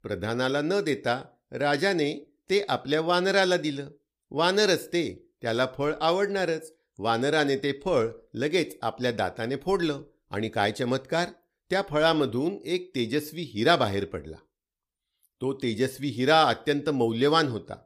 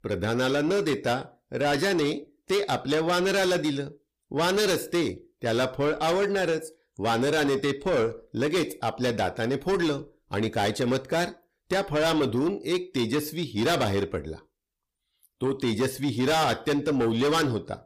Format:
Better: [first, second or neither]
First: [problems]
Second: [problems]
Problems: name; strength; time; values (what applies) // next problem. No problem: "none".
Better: first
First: none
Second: distortion; heavy; 7 dB below the speech